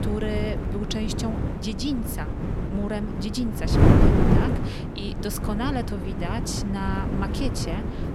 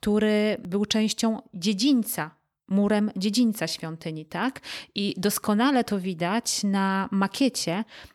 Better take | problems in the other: second | wind noise on the microphone; heavy; 1 dB above the speech

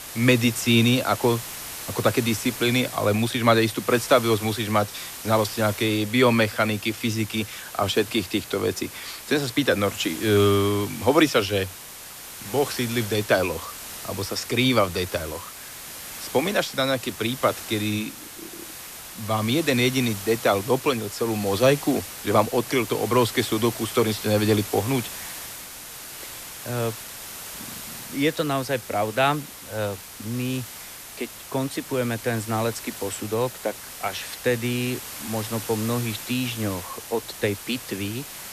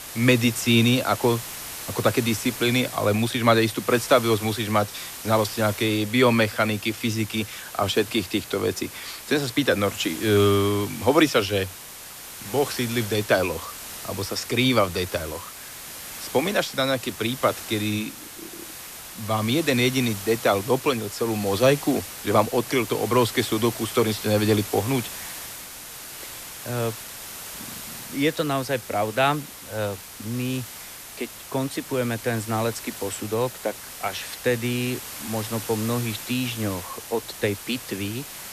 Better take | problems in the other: neither | hiss; noticeable; throughout; 10 dB below the speech; the same in both

